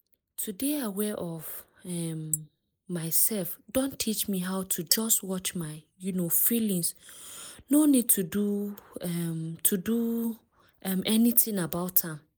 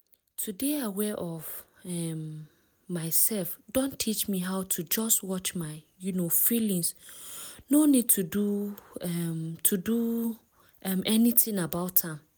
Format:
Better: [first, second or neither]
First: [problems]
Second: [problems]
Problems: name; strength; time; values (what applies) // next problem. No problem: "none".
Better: second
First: noise reduction (neural mask model Resemble Enhance denoiser)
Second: none